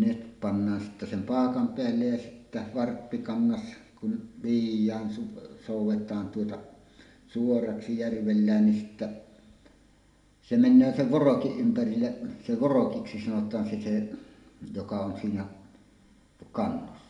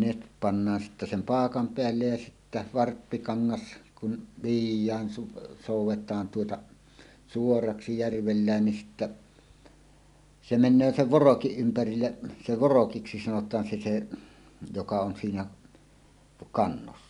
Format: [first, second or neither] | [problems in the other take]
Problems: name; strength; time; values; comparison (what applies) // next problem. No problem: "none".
second | room echo; dies away in 1 s